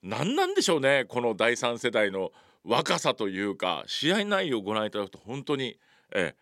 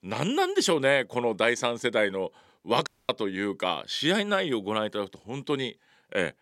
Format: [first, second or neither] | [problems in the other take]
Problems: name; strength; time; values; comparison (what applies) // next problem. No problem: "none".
first | audio cutting out; at 3 s